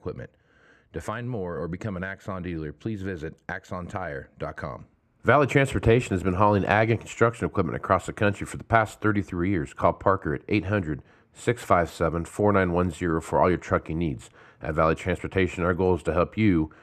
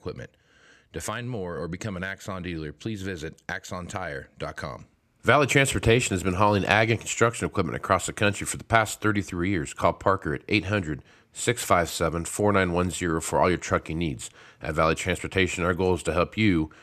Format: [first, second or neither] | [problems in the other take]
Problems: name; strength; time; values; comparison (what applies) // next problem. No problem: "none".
second | muffled; slightly; fading above 2.5 kHz